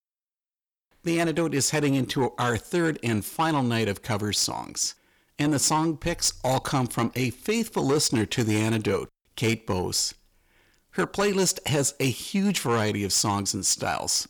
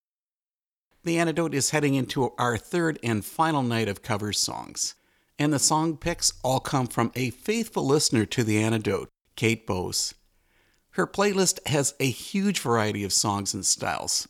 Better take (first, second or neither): second